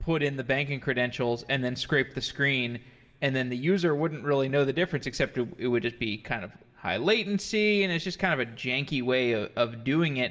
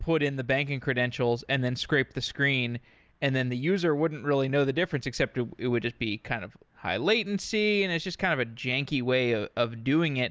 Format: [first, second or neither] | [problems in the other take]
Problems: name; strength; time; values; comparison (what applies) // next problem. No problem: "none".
second | room echo; dies away in 0.7 s